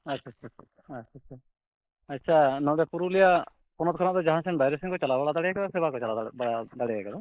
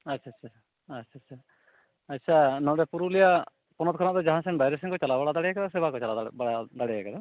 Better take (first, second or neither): second